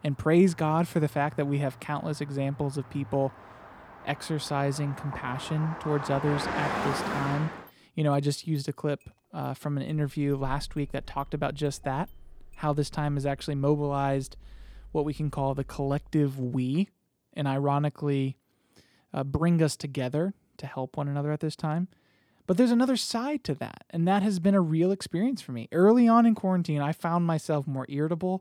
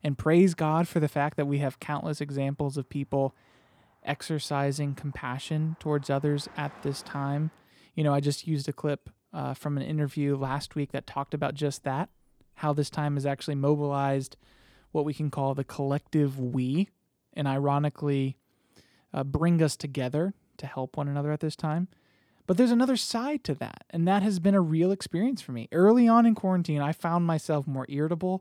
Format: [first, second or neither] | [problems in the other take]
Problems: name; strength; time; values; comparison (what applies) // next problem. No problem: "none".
second | traffic noise; loud; until 16 s; 10 dB below the speech; faint in the second